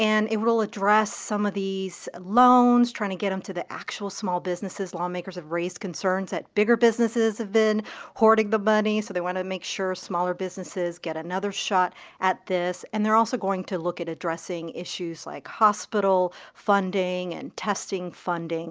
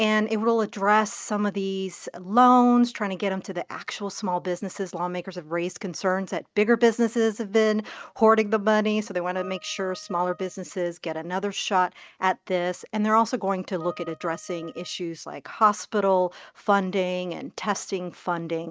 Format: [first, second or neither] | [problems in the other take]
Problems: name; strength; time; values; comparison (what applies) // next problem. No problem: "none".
first | noise reduction (neural mask model RNNoise)